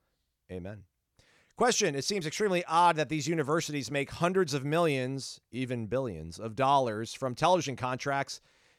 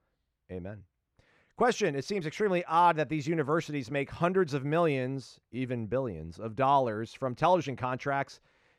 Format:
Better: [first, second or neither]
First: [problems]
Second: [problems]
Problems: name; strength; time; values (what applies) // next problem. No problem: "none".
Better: first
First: none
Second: muffled; slightly; fading above 3.5 kHz